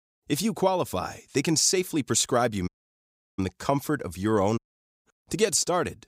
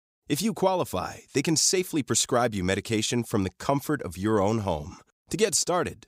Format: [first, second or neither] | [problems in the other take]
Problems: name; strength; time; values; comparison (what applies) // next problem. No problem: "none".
second | audio cutting out; at 2.5 s for 0.5 s and at 4.5 s